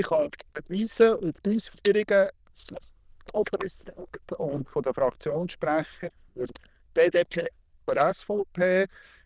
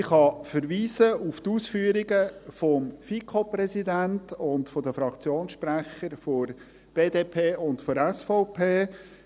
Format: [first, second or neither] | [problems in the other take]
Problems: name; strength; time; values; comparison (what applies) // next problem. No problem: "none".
second | noise reduction (neural diffusion model UNIVERSE++)